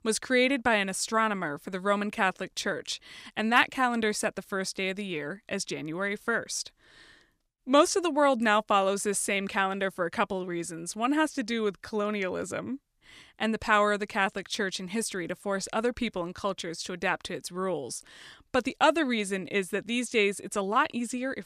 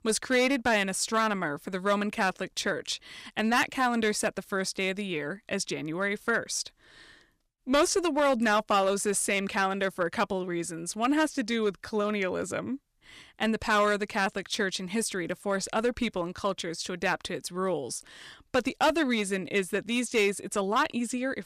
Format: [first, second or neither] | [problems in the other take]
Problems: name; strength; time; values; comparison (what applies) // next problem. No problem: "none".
first | distortion; slight; 3% of the sound clipped